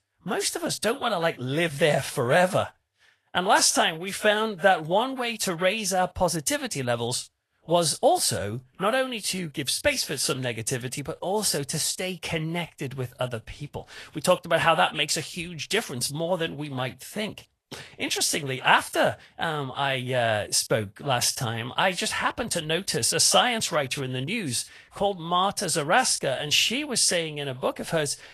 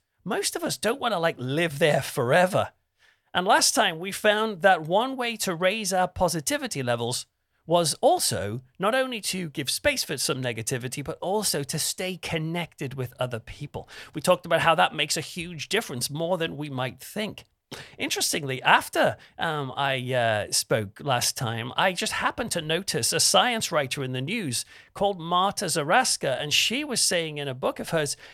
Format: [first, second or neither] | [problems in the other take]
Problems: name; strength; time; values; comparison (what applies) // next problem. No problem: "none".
second | garbled, watery; slightly; nothing above 12.5 kHz